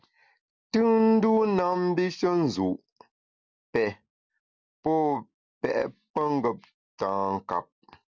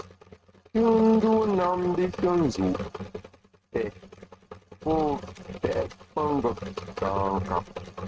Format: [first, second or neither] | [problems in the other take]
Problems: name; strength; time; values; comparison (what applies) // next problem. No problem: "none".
first | noise reduction (neural mask model RNNoise)